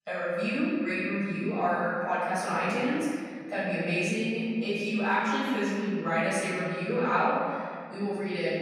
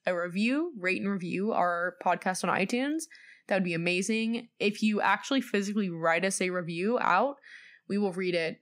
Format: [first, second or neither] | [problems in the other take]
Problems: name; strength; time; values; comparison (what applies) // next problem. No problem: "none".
second | off-mic speech; far // room echo; strong; dies away in 2.2 s